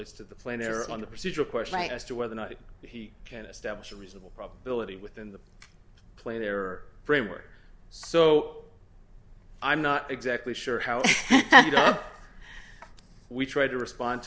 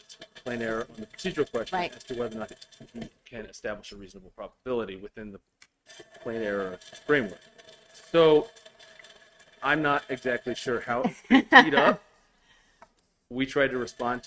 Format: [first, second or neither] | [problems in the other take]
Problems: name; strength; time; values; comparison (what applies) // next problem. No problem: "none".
first | noise reduction (neural mask model RNNoise)